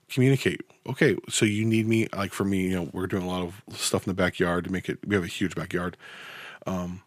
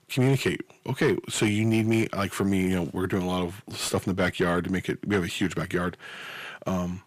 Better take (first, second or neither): first